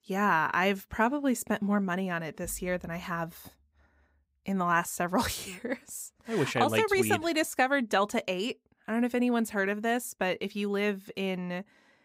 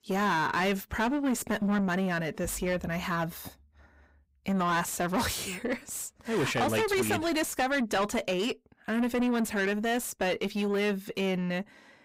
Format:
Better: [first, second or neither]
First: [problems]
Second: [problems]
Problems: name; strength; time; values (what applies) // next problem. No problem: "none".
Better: first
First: none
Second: distortion; heavy; 7 dB below the speech